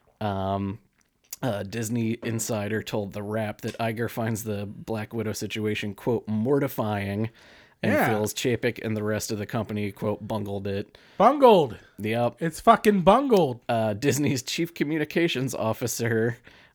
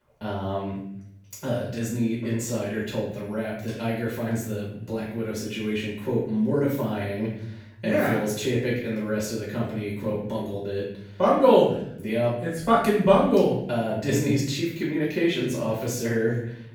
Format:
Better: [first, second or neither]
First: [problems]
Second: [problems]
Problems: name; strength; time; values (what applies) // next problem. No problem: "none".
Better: first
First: none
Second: off-mic speech; far // room echo; noticeable; dies away in 0.7 s